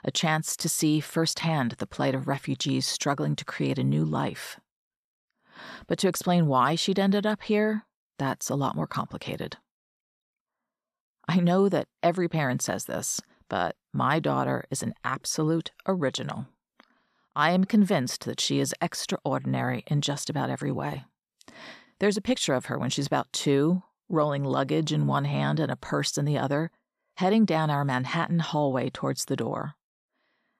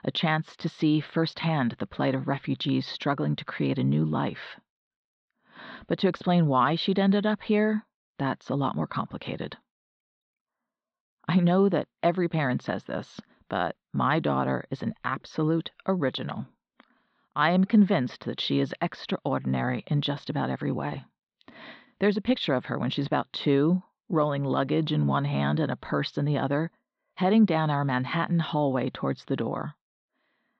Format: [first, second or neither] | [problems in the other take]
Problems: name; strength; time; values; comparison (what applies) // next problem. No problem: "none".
first | muffled; slightly; fading above 4 kHz